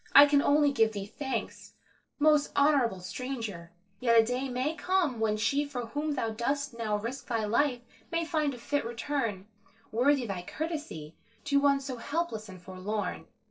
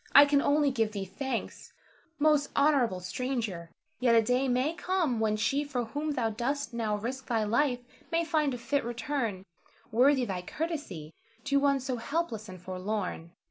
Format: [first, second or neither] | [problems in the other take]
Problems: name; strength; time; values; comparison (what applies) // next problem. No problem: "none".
second | noise reduction (neural separator model SepFormer DNS4)